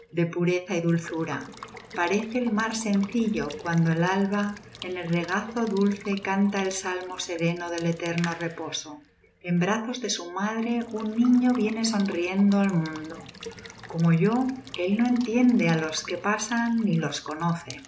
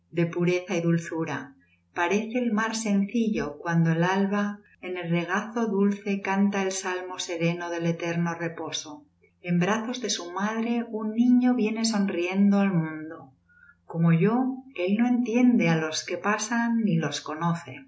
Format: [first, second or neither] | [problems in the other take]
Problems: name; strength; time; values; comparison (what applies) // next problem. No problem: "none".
second | background sound (Water tap, faucet / Water / Liquid); 19 dB below the speech